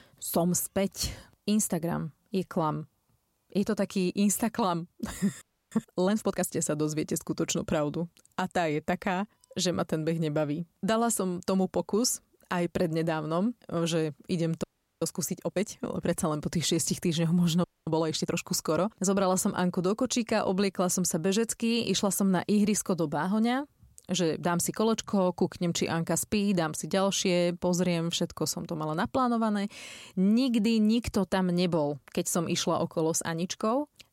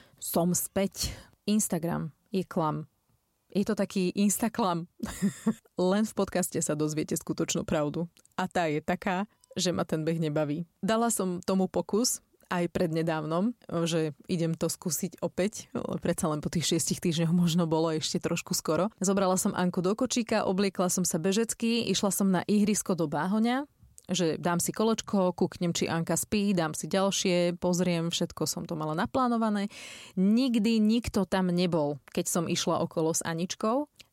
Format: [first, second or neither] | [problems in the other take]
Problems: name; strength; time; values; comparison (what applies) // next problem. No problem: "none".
second | audio freezing; at 5.5 s, at 15 s and at 18 s